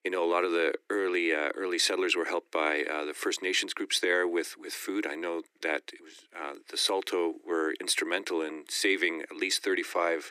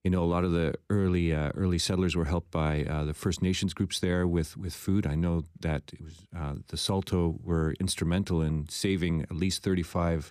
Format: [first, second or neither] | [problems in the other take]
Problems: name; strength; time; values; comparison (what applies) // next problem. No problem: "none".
second | thin; very; fading below 300 Hz